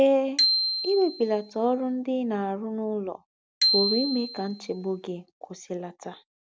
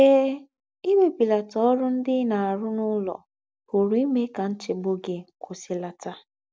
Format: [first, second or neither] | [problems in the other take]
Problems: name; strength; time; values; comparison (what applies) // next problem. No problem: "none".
second | background sound (Bicycle bell); 3 dB below the speech